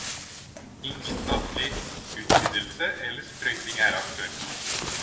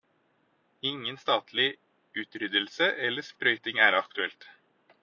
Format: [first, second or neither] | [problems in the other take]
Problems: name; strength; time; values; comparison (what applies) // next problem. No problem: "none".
second | background sound (Tearing); 1 dB above the speech // room echo; dies away in 0.9 s